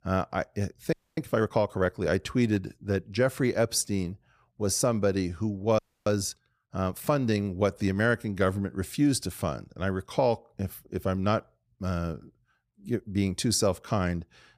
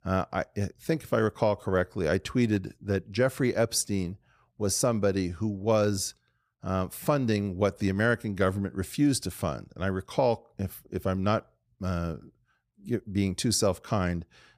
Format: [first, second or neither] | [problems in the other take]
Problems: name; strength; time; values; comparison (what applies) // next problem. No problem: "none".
second | audio freezing; at 1 s and at 6 s